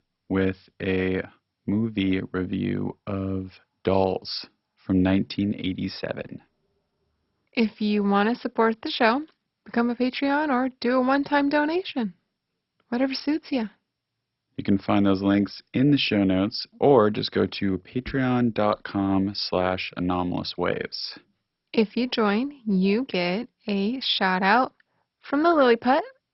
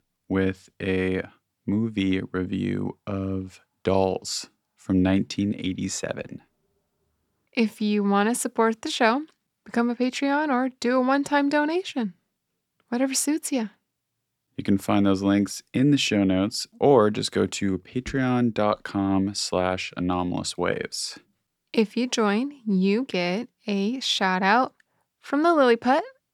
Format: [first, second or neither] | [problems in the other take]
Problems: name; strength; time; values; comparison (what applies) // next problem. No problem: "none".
second | garbled, watery; badly; nothing above 5.5 kHz